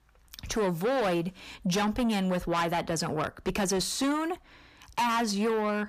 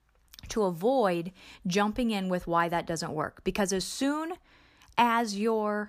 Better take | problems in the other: second | distortion; heavy; 7 dB below the speech

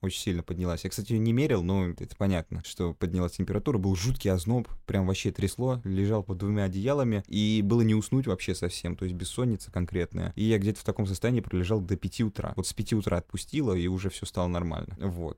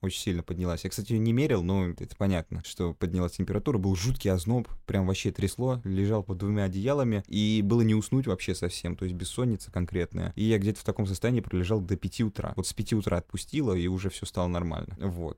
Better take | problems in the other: neither | none

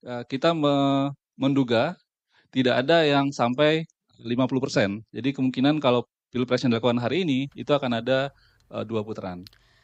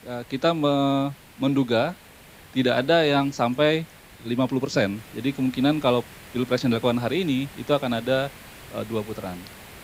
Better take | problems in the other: first | hiss; faint; throughout; 20 dB below the speech

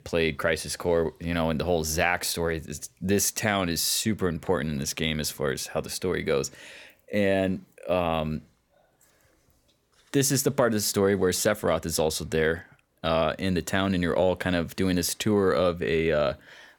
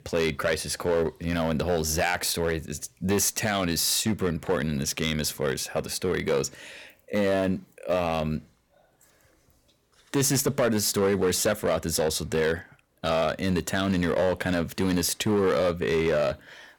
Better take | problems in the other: first | distortion; slight; 6% of the sound clipped

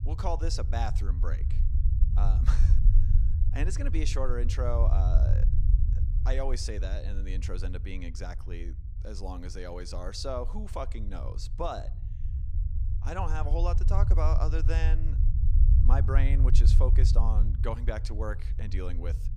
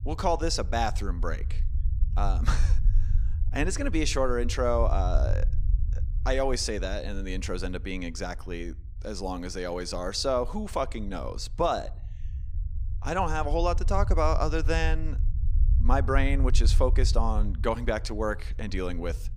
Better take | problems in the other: second | low rumble; loud; throughout; 9 dB below the speech; faint in the second

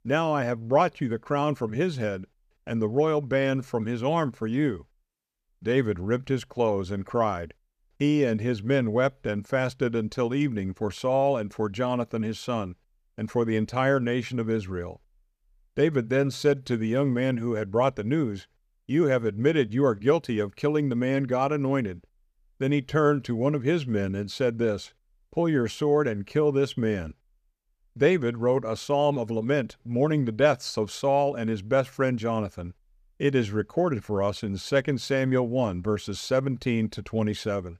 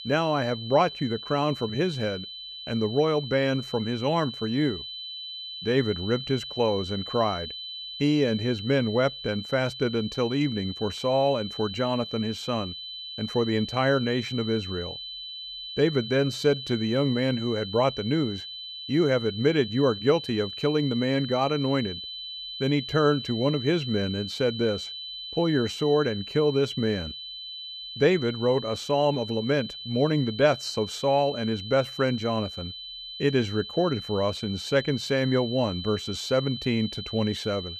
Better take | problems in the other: first | high-pitched whine; loud; throughout; 4 kHz, 9 dB below the speech

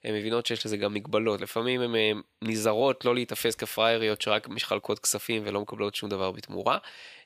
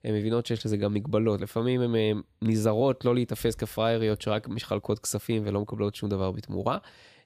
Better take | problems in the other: second | thin; somewhat; fading below 750 Hz

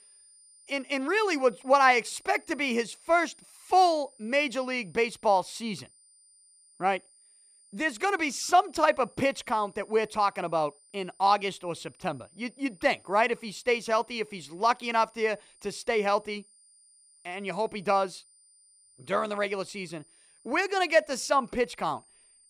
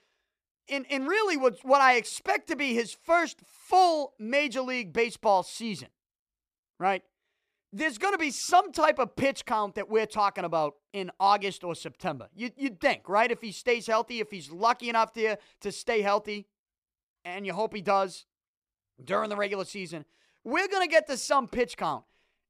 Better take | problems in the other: second | high-pitched whine; faint; throughout; 9 kHz, 30 dB below the speech

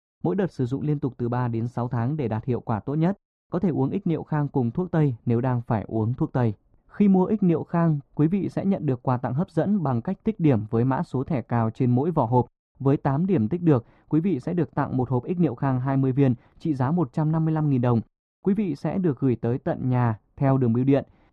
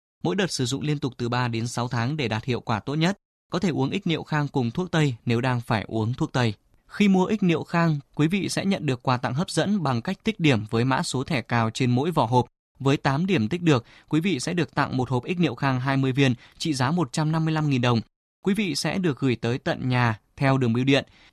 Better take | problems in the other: second | muffled; very; fading above 2 kHz

